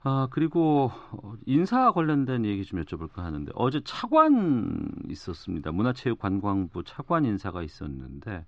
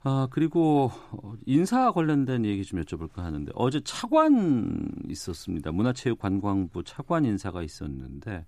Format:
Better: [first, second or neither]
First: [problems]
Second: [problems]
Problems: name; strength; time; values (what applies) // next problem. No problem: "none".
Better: second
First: muffled; very slightly; fading above 4.5 kHz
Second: none